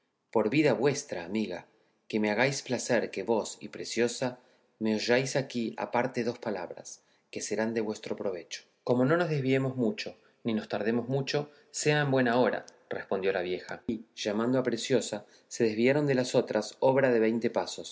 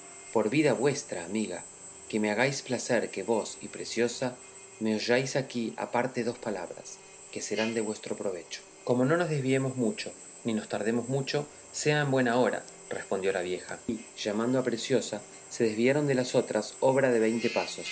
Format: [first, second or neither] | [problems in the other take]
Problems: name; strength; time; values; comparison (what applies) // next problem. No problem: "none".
first | background sound (Drill); 15 dB below the speech